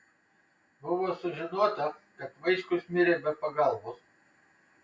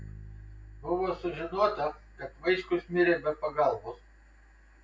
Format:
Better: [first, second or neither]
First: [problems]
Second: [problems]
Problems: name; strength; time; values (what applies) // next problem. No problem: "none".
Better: first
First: none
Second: background sound (Bass guitar); 19 dB below the speech